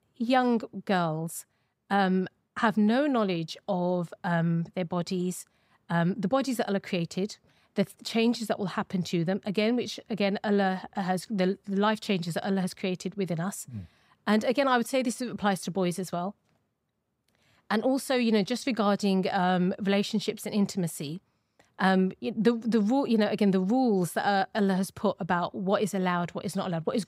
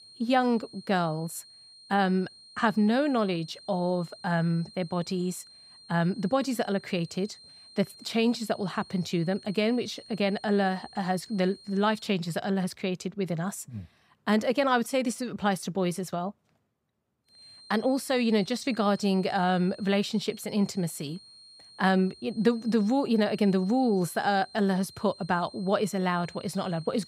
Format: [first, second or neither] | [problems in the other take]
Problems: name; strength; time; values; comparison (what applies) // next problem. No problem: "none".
first | high-pitched whine; faint; until 12 s and from 17 s on; 4 kHz, 20 dB below the speech